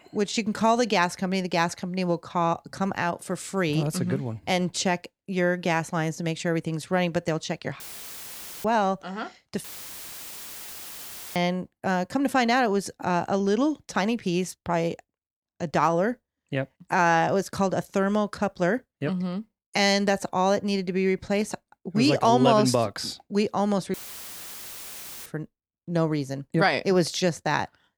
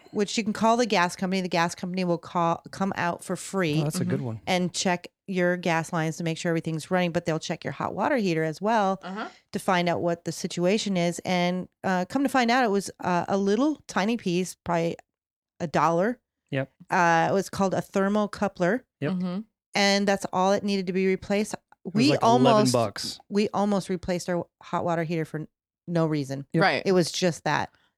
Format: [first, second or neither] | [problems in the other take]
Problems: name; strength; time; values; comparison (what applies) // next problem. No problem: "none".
second | audio cutting out; filled with static; at 8 s for 1 s, at 9.5 s for 1.5 s and at 24 s for 1.5 s